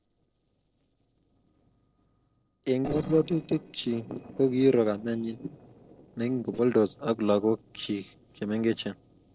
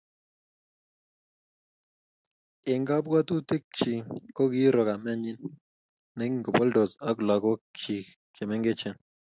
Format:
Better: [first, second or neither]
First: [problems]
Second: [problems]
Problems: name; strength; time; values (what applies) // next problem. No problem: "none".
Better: second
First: noise reduction (neural separator model SepFormer DNS4)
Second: none